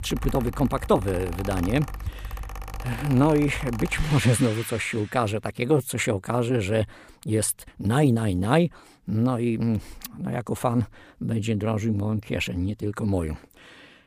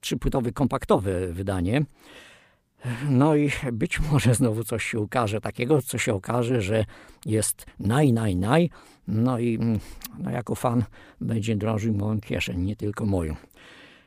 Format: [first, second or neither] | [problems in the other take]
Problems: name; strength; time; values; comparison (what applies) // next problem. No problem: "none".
second | machinery noise; noticeable; until 5 s; 10 dB below the speech